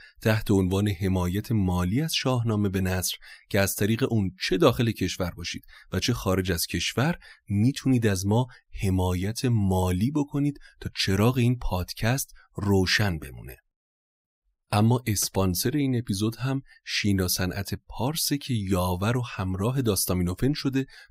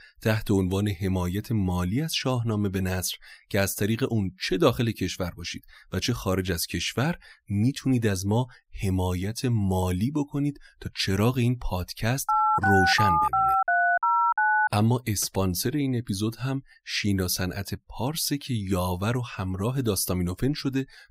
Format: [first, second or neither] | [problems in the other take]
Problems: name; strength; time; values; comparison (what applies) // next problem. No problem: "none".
first | phone ringing; loud; from 12 to 15 s; peak 5 dB above the speech